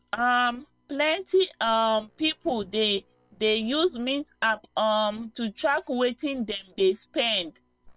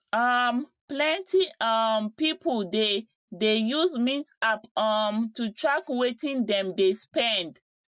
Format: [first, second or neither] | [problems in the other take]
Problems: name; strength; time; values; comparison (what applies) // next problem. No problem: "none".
second | noise reduction (neural separator model SepFormer WHAM!)